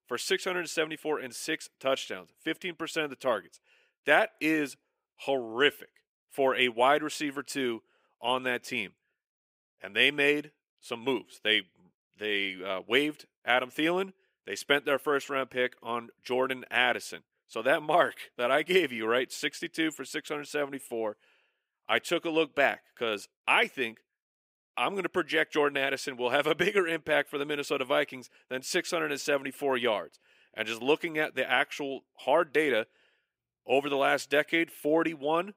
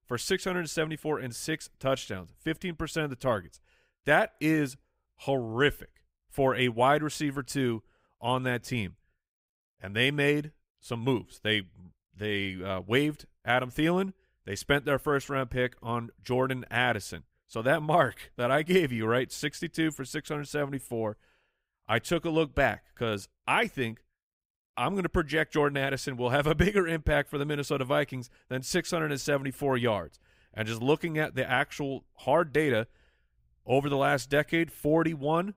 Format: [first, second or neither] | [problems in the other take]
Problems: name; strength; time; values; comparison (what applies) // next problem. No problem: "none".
second | thin; very slightly; fading below 350 Hz